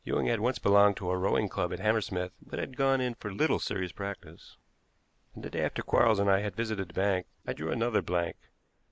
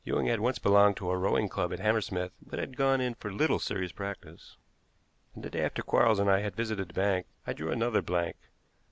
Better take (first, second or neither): second